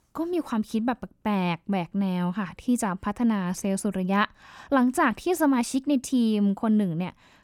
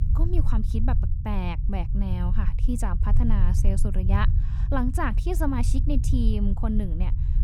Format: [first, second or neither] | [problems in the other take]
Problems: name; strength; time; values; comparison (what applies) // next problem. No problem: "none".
first | low rumble; loud; throughout; 9 dB below the speech